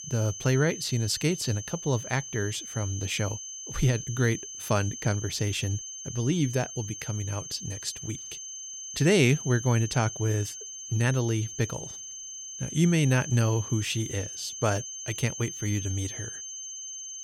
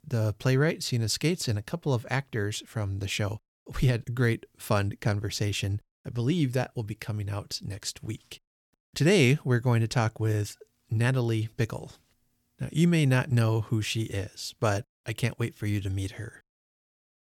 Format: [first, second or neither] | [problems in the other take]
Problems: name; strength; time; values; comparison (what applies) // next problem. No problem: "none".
second | high-pitched whine; loud; throughout; 6.5 kHz, 9 dB below the speech